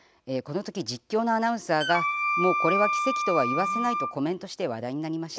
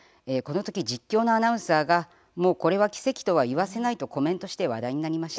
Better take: second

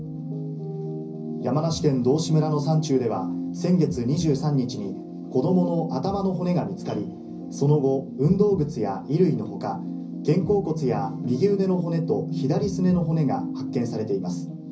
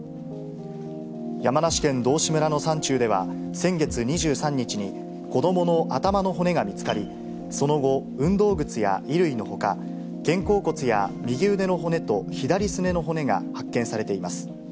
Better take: second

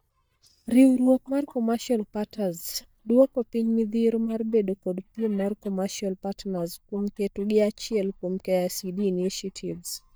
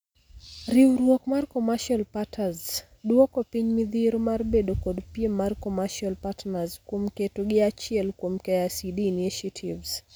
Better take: second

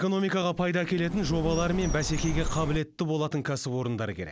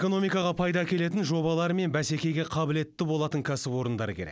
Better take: second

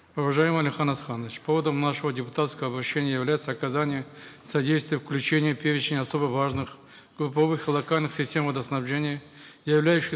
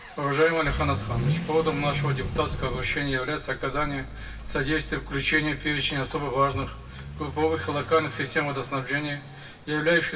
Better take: first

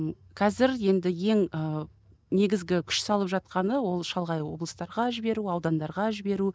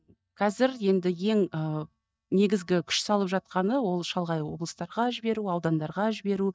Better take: first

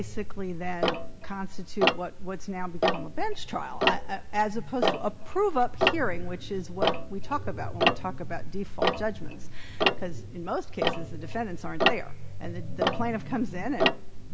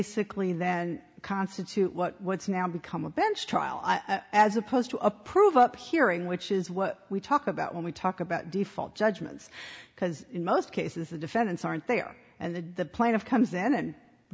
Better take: second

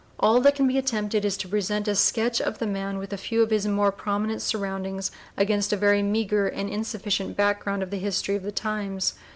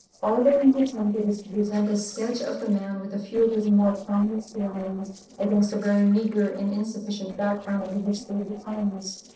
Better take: first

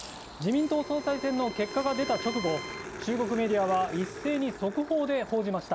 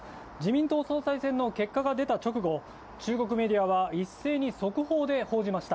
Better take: second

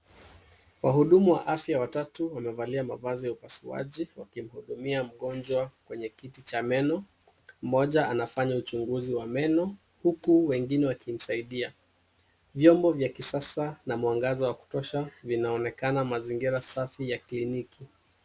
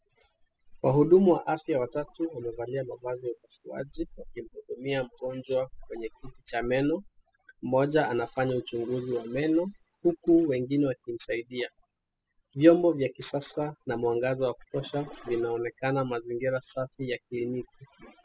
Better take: first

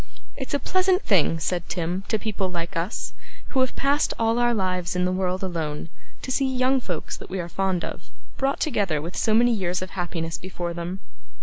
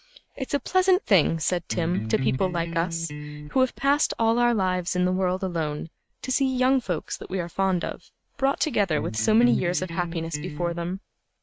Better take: first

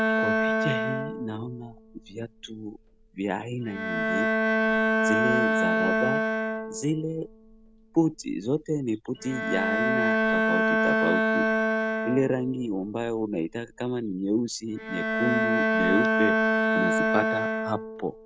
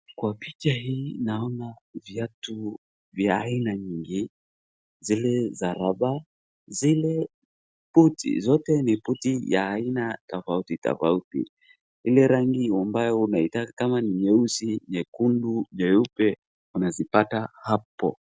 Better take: second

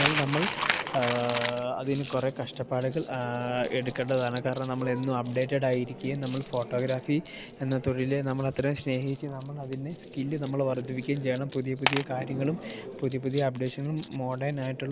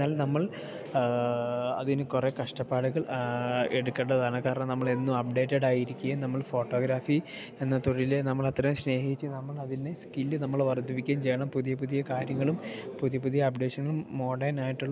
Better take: second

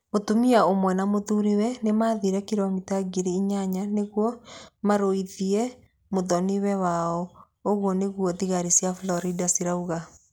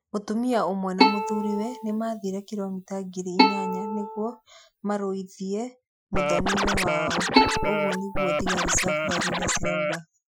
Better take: first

